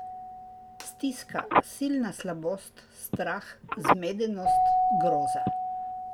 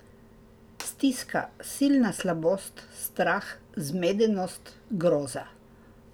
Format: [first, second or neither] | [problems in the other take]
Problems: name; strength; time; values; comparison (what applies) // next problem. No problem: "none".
second | background sound (Keyboard (musical) + Telephone); 5 dB above the speech